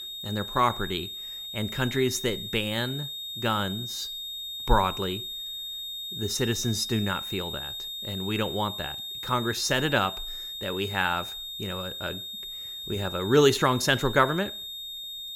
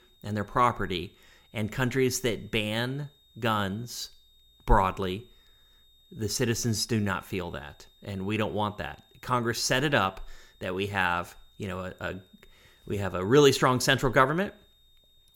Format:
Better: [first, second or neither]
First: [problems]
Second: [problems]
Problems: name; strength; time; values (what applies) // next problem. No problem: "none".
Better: second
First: high-pitched whine; loud; throughout; 3.5 kHz, 6 dB below the speech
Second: high-pitched whine; faint; throughout; 3.5 kHz, 35 dB below the speech